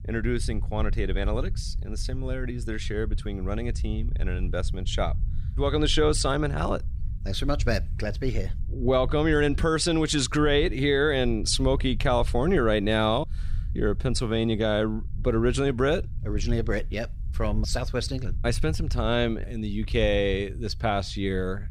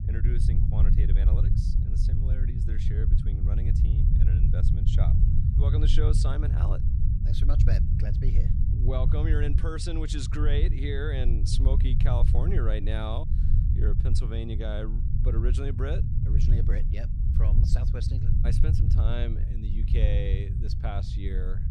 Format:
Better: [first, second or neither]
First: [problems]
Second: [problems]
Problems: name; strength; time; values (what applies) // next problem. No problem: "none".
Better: first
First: low rumble; faint; throughout; 25 dB below the speech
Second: low rumble; loud; throughout; 3 dB below the speech